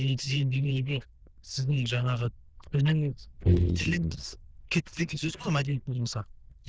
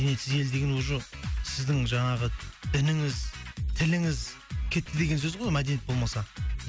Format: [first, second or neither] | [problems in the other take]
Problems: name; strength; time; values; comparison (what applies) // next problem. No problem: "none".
second | noise reduction (neural diffusion model UNIVERSE++)